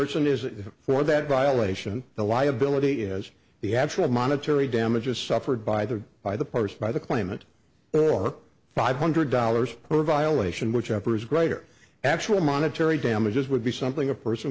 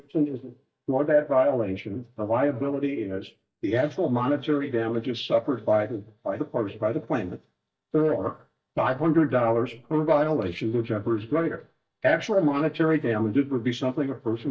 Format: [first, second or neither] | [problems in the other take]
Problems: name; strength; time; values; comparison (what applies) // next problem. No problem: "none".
first | noise reduction (neural mask model DeepFilterNet 3)